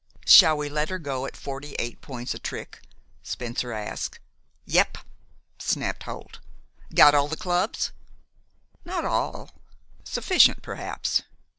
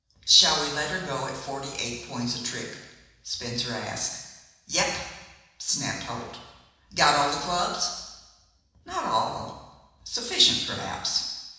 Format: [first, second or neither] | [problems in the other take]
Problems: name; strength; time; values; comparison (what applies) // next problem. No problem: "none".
first | room echo; dies away in 1.1 s